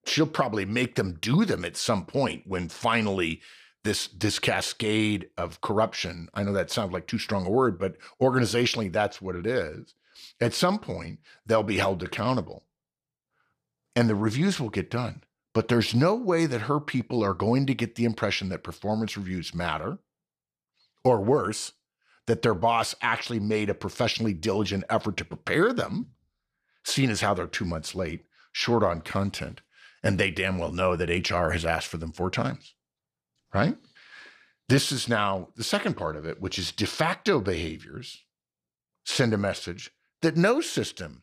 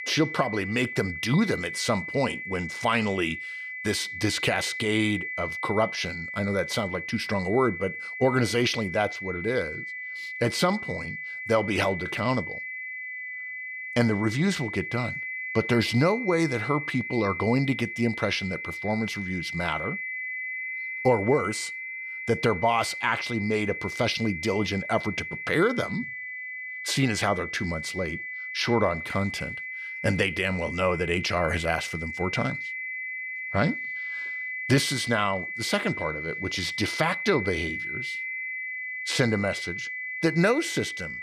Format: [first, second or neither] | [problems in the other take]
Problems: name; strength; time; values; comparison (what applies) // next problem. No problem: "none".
first | high-pitched whine; loud; throughout; 2 kHz, 6 dB below the speech